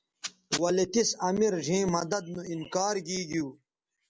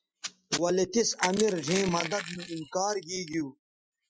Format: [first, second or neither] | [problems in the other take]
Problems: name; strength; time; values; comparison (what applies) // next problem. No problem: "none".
first | noise reduction (classical method Wiener filter)